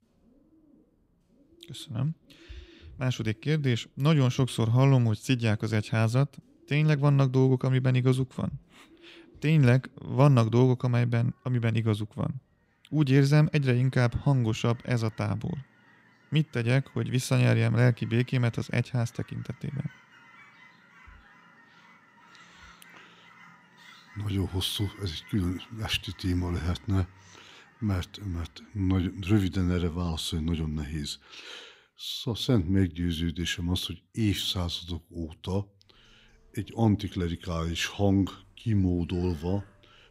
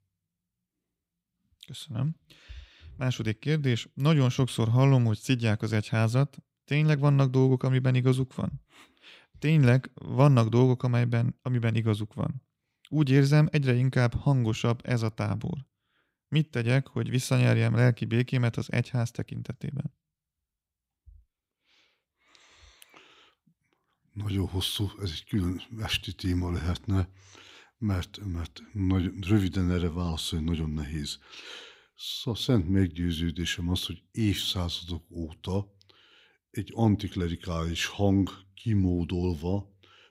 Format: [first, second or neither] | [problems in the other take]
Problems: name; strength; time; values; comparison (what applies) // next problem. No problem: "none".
second | animal sounds; faint; throughout; 30 dB below the speech